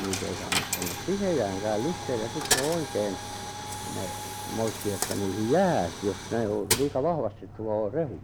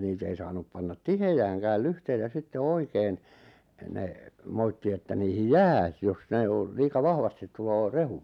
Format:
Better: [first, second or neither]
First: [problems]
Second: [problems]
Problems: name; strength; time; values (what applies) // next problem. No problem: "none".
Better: second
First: background sound (Coin (dropping)); 4 dB below the speech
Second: none